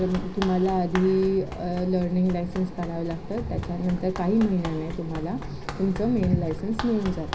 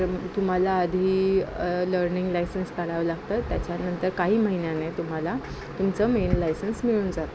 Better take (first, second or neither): second